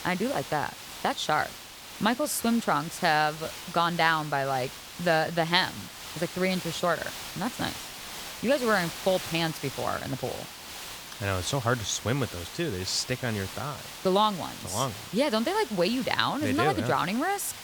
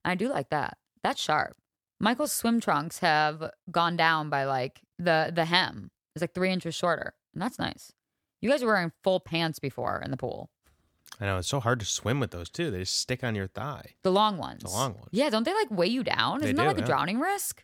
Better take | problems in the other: second | hiss; noticeable; throughout; 10 dB below the speech

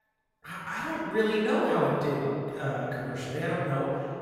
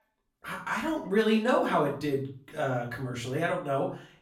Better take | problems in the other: second | room echo; strong; dies away in 2.3 s; slight in the second // off-mic speech; far; far in the second

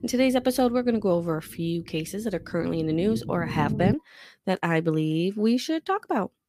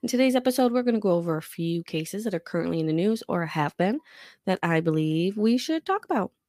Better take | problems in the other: second | low rumble; noticeable; until 4 s; 10 dB below the speech

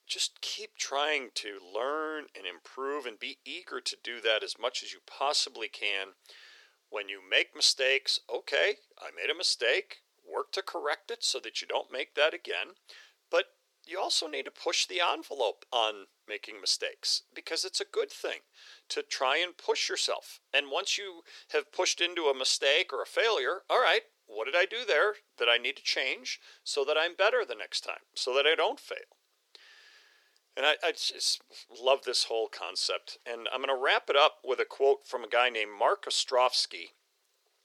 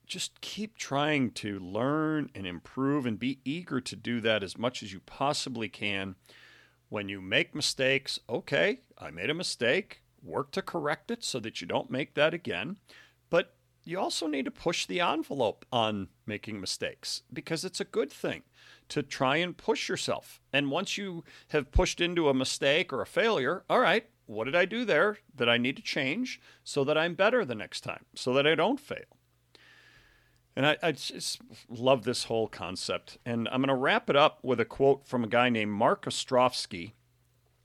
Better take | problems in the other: second | thin; very; fading below 400 Hz

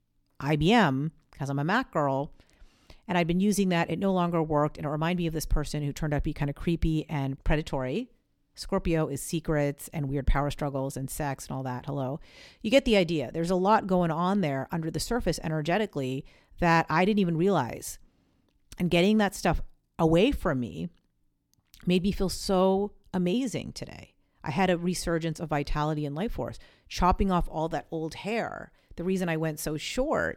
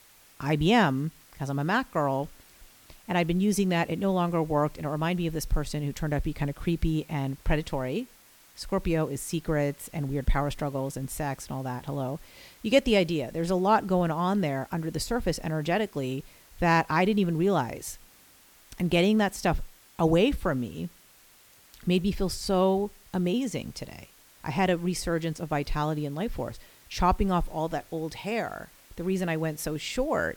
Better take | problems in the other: first | hiss; faint; throughout; 25 dB below the speech

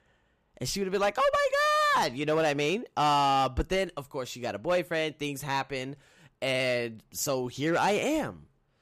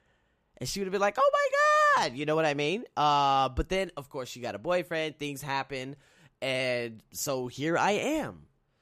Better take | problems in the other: second | distortion; slight; 6% of the sound clipped

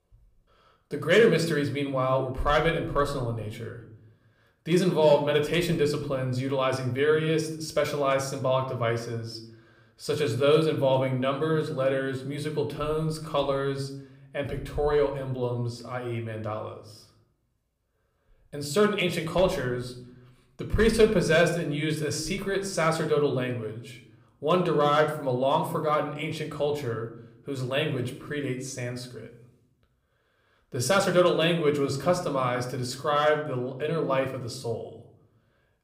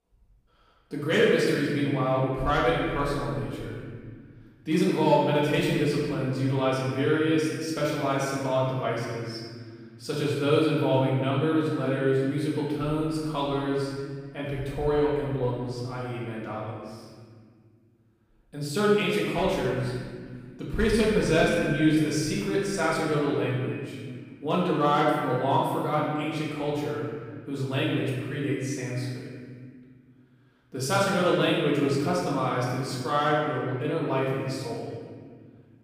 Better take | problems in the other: first | room echo; strong; dies away in 1.9 s; slight in the first // off-mic speech; far

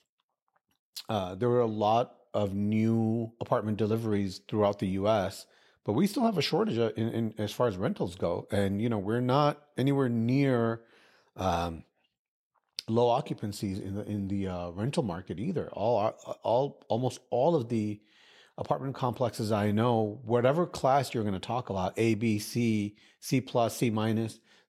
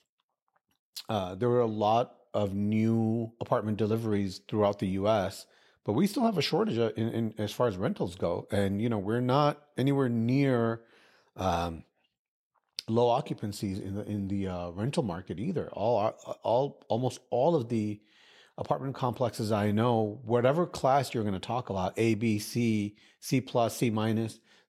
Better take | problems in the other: neither | none

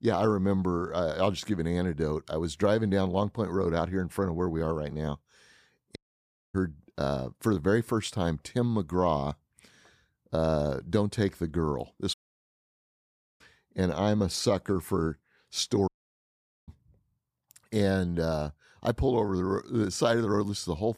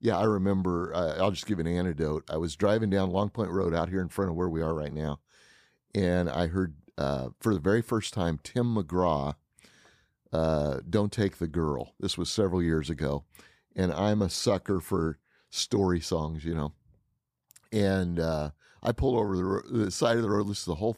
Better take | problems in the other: second | audio cutting out; at 6 s for 0.5 s, at 12 s for 1.5 s and at 16 s for 1 s

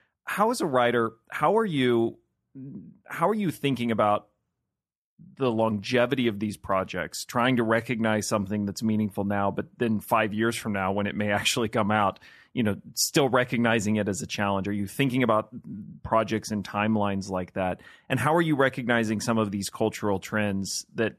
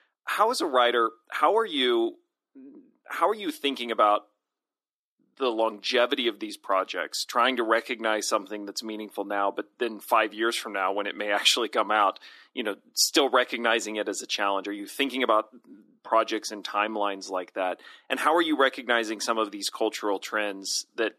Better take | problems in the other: first | thin; somewhat; fading below 300 Hz

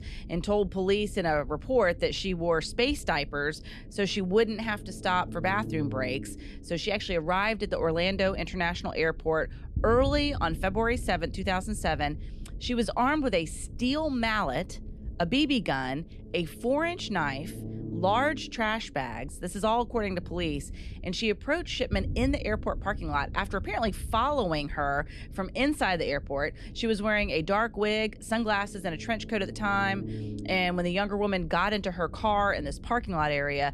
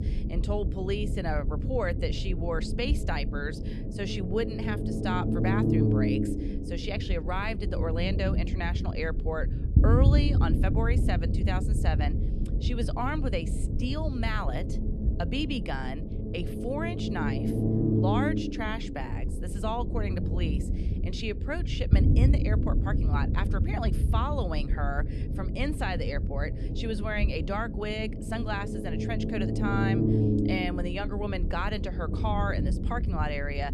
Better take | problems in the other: first | low rumble; loud; throughout; 4 dB below the speech; faint in the first

